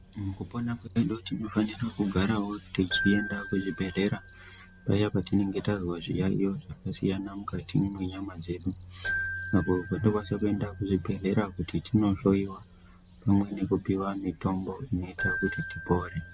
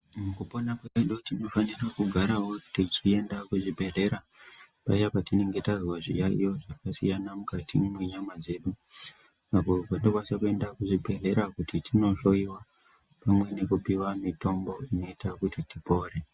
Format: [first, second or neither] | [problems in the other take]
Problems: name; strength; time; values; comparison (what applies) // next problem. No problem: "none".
second | background sound (Keyboard (musical) + Cricket); 11 dB below the speech